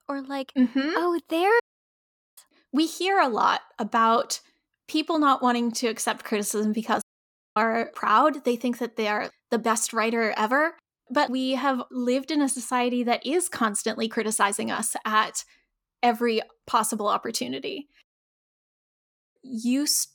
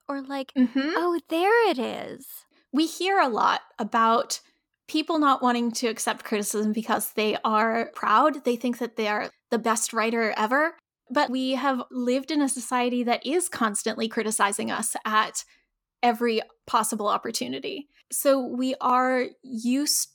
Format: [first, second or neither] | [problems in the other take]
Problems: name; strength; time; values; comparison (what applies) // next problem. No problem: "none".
second | audio cutting out; at 1.5 s for 1 s, at 7 s for 0.5 s and at 18 s for 1.5 s